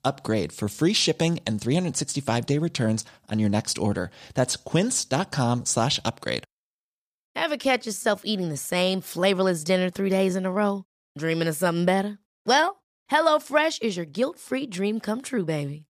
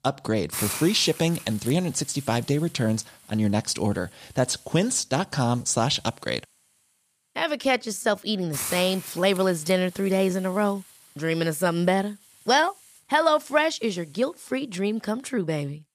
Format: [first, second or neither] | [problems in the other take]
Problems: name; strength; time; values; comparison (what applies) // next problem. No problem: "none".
first | hiss; noticeable; throughout; 10 dB below the speech